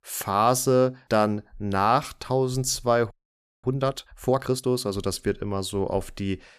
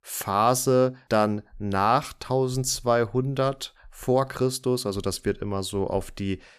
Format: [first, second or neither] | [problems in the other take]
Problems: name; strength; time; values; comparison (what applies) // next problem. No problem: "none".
second | audio freezing; at 3 s for 0.5 s